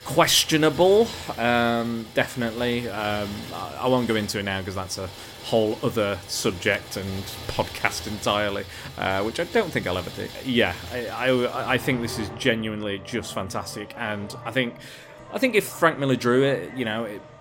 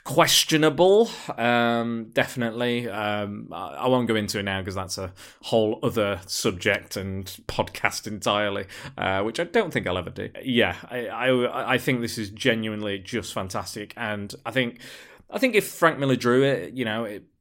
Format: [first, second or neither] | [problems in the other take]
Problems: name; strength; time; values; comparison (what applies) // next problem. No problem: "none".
second | traffic noise; noticeable; throughout; 15 dB below the speech